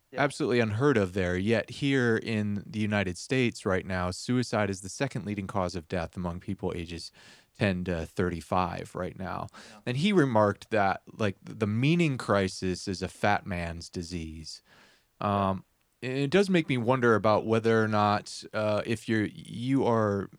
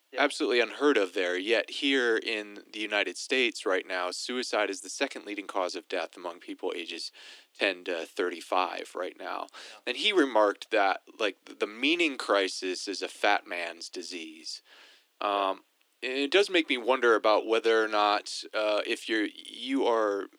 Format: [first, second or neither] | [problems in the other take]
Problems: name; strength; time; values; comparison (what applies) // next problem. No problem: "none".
first | thin; somewhat; fading below 300 Hz